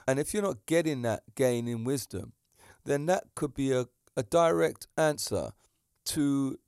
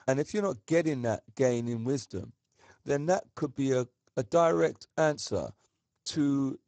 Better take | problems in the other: first | garbled, watery; badly; nothing above 7.5 kHz

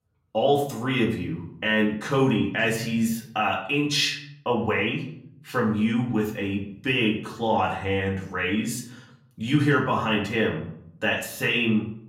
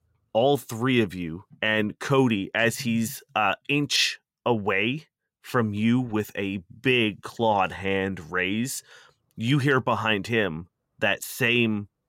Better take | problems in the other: second | room echo; slight; dies away in 0.6 s // off-mic speech; far

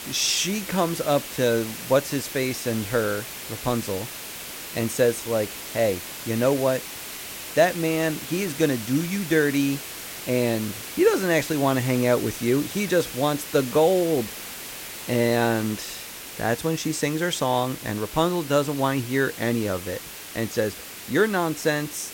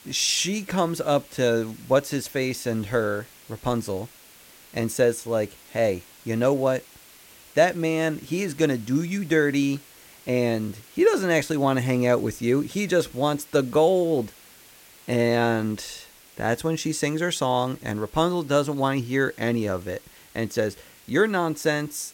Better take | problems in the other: second | hiss; loud; throughout; 10 dB below the speech; faint in the second

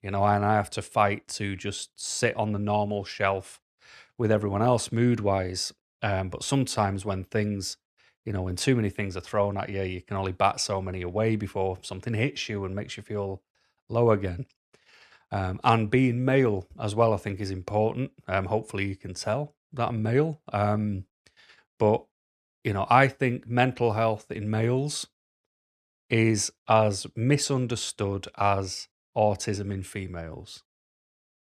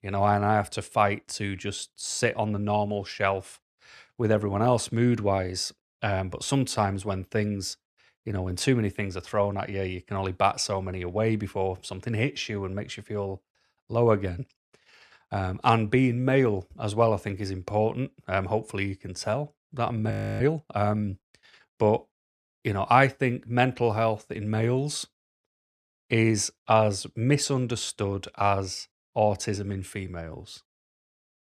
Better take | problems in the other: first | audio freezing; at 20 s

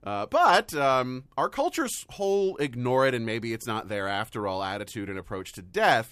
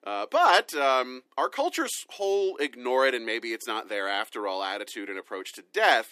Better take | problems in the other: first | thin; somewhat; fading below 300 Hz

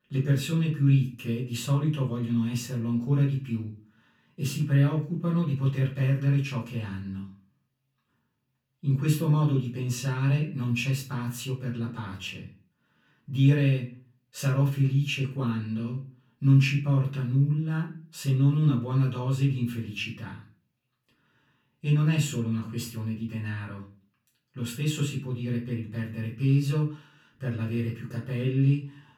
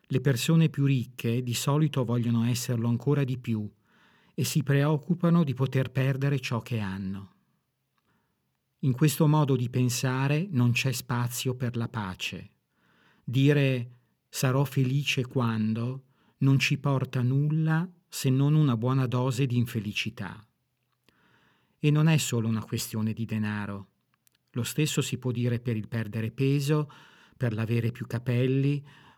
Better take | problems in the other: second | room echo; slight; dies away in 0.3 s // off-mic speech; far

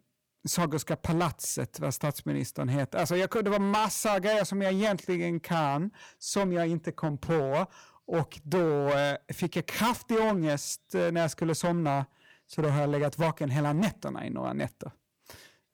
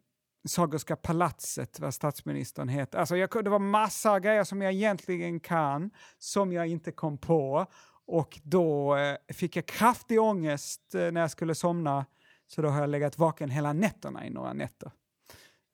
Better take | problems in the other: second | distortion; heavy; 11% of the sound clipped

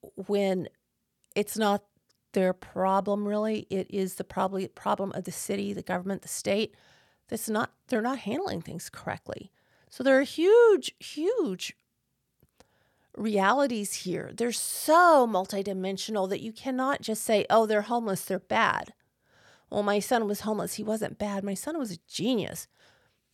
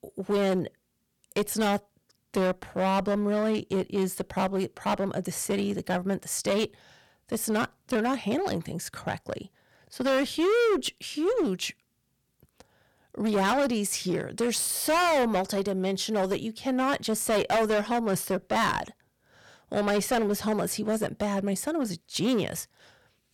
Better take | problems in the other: first | distortion; heavy; 11% of the sound clipped

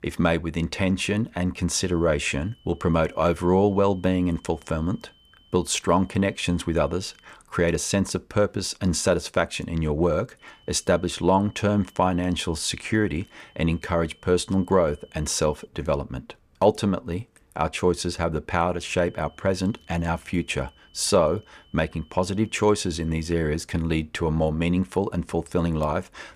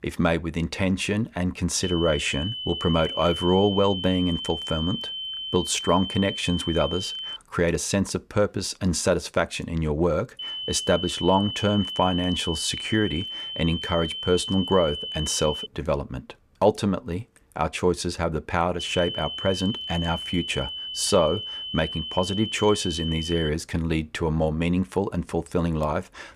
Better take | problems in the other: first | high-pitched whine; loud; from 2 to 7.5 s, from 10 to 16 s and from 19 to 23 s; 3 kHz, 6 dB below the speech; faint in the first

